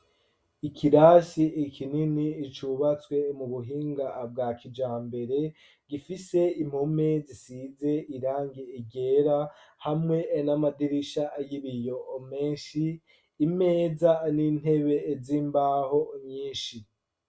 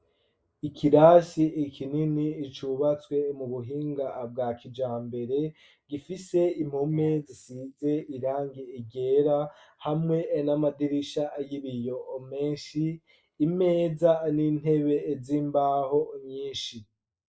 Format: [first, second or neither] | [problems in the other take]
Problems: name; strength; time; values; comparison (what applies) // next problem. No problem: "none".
first | noise reduction (neural mask model Resemble Enhance denoiser)